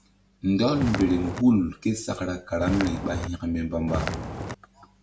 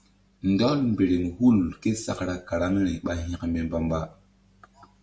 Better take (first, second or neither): second